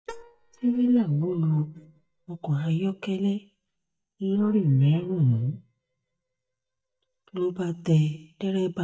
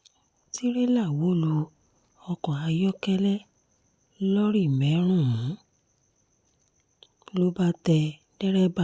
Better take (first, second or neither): second